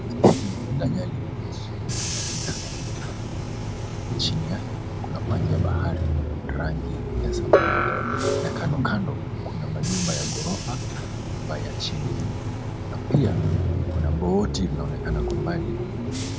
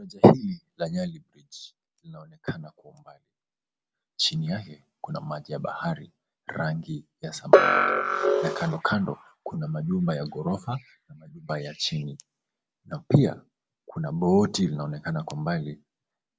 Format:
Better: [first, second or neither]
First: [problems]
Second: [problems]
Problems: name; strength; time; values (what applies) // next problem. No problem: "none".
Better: second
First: background sound (Bus / Engine); 2 dB above the speech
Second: none